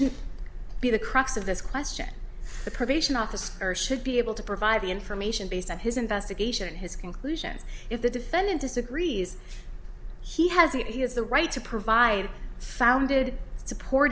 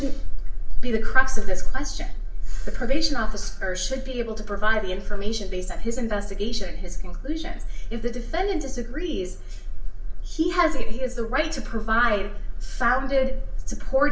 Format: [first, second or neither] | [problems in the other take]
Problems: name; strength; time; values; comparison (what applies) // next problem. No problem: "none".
first | room echo; dies away in 0.3 s